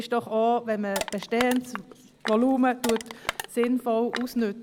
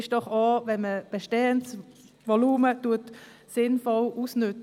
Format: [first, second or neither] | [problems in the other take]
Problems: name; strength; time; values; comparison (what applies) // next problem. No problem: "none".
second | background sound (Crushing); 10 dB below the speech